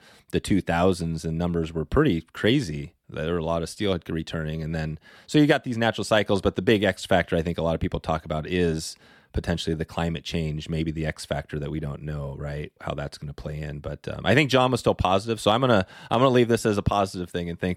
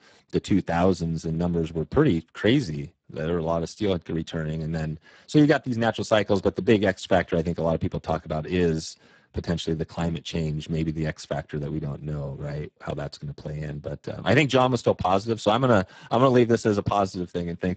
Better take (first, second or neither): first